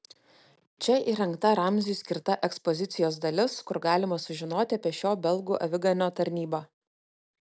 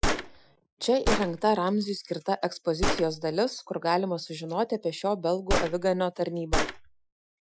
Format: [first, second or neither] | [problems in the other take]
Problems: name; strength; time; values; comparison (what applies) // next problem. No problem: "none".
first | noise reduction (classical method Wiener filter)